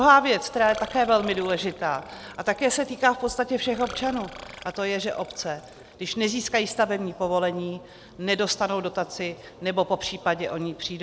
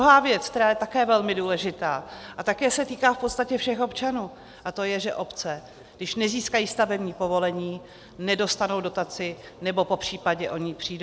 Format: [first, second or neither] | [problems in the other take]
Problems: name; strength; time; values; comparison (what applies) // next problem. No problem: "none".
second | background sound (Burping, eructation); 19 dB below the speech